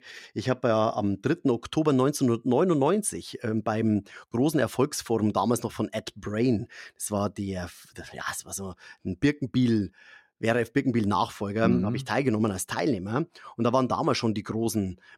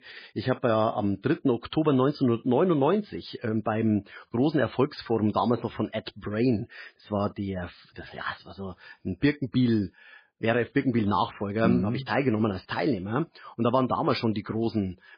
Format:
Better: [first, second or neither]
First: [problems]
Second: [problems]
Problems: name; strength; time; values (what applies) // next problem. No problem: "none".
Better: first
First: none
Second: garbled, watery; badly; nothing above 5 kHz